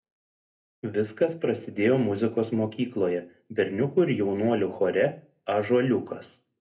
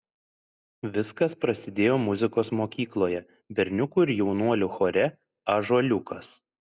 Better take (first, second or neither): second